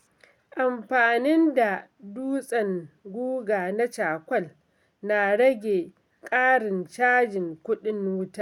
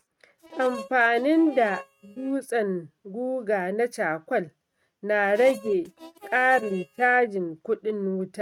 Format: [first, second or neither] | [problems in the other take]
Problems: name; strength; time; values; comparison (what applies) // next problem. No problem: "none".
first | noise reduction (neural mask model RNNoise)